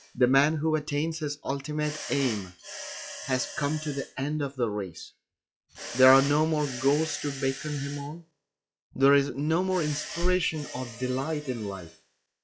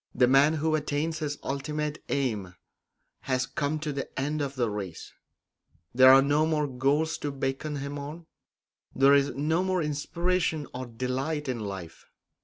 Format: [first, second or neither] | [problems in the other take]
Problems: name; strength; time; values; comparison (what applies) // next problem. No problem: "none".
second | noise reduction (classical method log-MMSE)